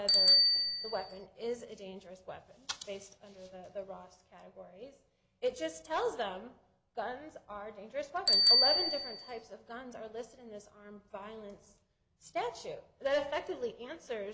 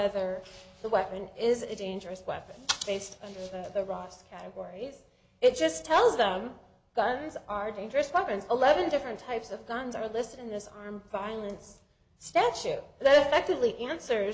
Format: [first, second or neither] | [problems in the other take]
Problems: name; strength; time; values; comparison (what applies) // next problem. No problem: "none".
second | background sound (Bicycle bell); 5 dB above the speech